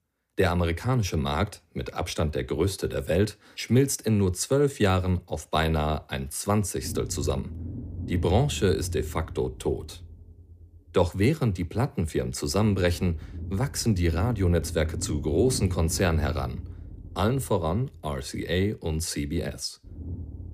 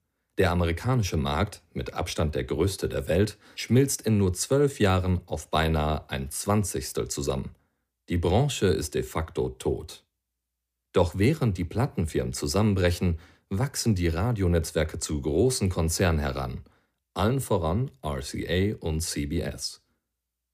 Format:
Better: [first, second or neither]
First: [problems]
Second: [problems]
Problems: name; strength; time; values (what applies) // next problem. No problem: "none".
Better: second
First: low rumble; noticeable; from 7 s on; 20 dB below the speech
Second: none